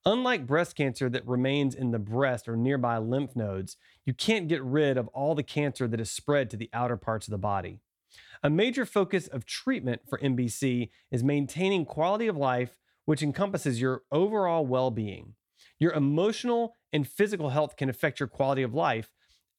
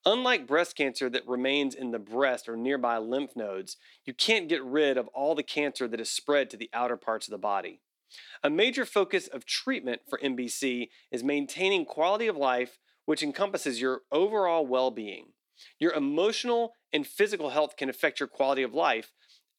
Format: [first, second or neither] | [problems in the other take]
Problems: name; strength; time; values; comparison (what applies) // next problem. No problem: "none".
first | thin; very slightly; fading below 300 Hz